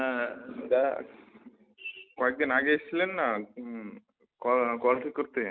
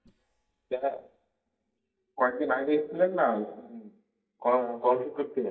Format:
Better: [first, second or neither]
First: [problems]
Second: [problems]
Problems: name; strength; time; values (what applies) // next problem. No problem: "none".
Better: first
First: none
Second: noise reduction (neural mask model DeepFilterNet 3)